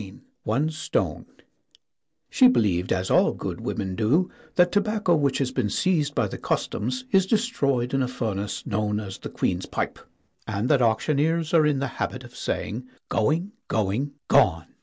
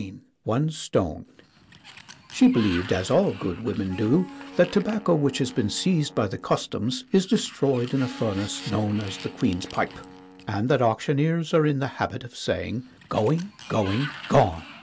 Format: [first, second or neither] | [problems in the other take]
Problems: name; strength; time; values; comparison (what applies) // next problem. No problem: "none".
first | background sound (Wind instrument, woodwind instrument + Sliding door); 18 dB below the speech